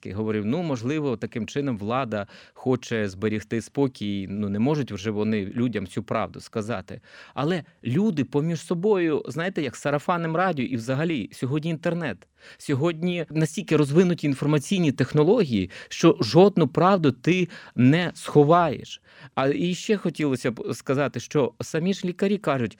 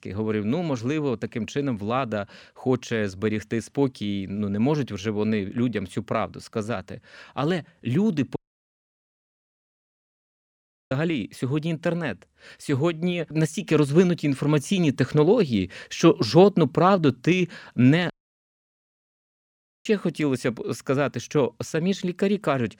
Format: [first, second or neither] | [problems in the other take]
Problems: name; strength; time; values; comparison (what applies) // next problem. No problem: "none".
first | audio cutting out; at 8.5 s for 2.5 s and at 18 s for 2 s